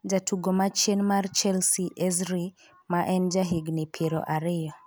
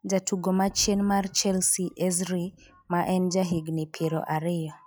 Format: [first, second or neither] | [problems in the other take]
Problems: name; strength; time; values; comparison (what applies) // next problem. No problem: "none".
first | noise reduction (classical method log-MMSE)